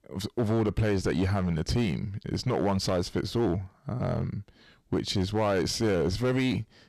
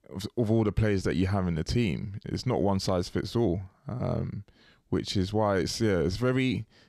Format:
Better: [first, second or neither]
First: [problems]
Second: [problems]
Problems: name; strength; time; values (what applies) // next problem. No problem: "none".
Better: second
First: distortion; slight; 8% of the sound clipped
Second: none